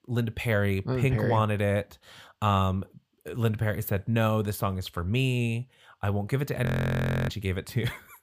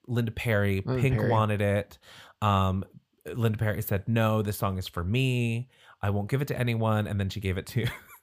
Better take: second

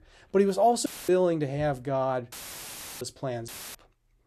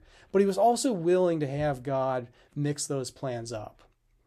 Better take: second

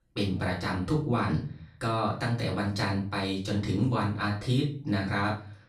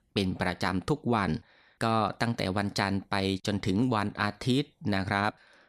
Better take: second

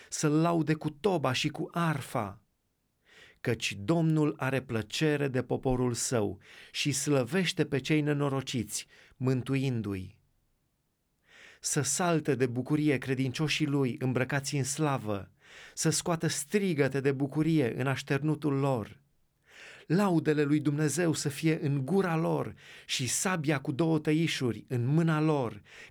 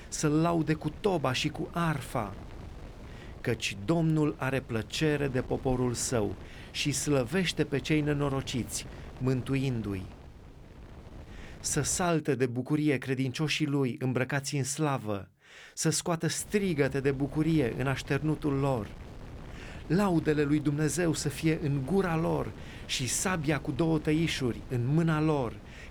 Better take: first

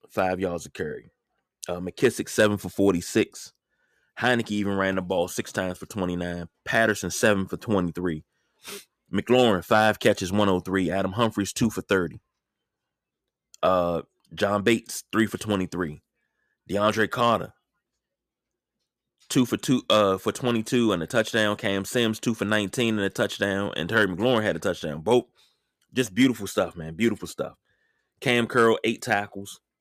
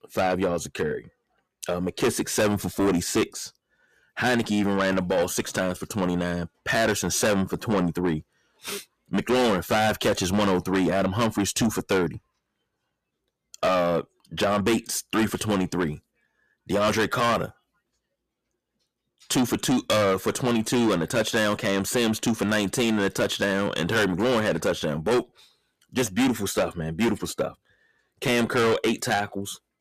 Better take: first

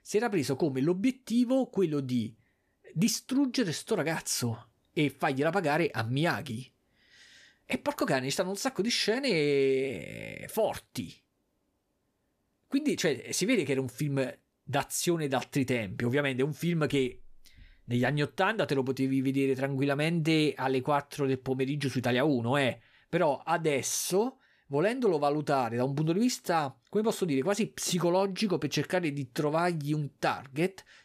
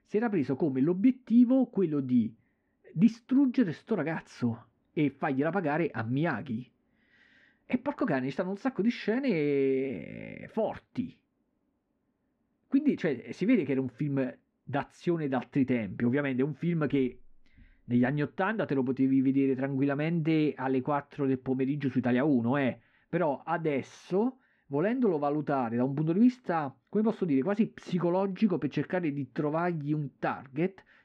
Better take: first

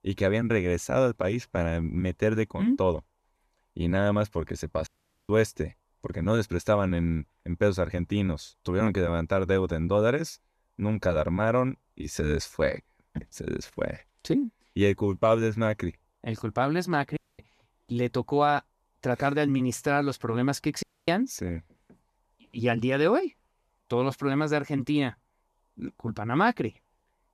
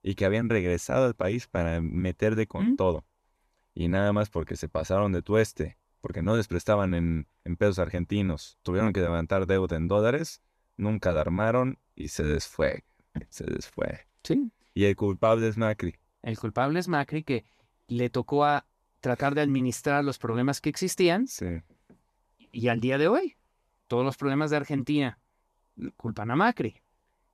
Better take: second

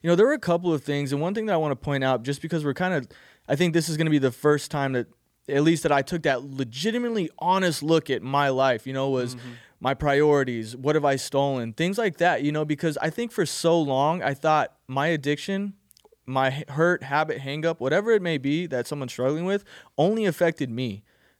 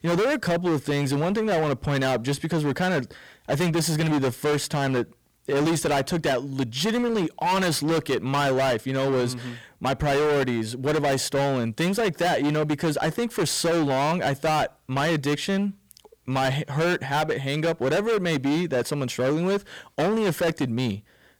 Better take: first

